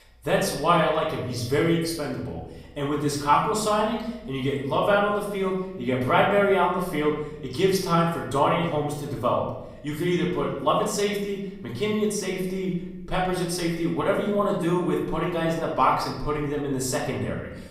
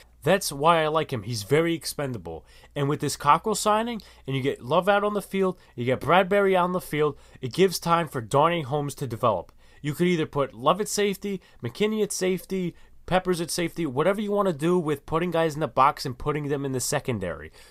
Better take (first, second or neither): second